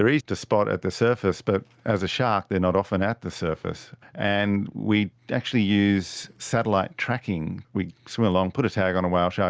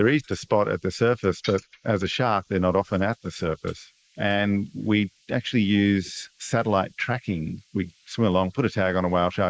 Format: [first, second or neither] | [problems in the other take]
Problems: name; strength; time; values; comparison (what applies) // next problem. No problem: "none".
first | noise reduction (neural mask model Resemble Enhance denoiser)